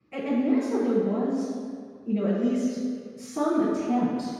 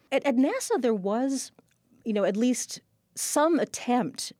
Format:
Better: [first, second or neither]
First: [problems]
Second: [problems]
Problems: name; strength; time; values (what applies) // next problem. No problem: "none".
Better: second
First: room echo; strong; dies away in 2 s // off-mic speech; far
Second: none